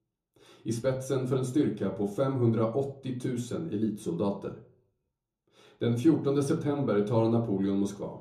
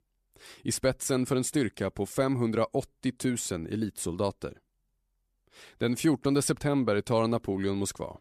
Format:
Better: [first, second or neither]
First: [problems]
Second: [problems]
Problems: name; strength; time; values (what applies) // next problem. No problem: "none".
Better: second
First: room echo; slight; dies away in 0.6 s // off-mic speech; far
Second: none